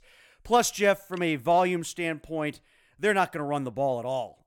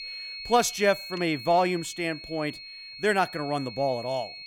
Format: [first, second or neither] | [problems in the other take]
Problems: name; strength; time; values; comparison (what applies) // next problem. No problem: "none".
first | high-pitched whine; noticeable; throughout; 4.5 kHz, 10 dB below the speech